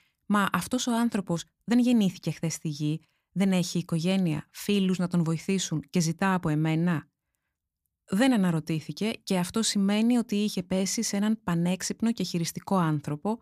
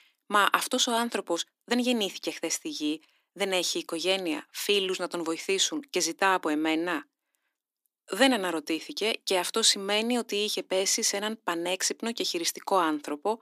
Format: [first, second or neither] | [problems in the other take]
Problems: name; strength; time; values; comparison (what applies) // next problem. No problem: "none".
first | thin; somewhat; fading below 300 Hz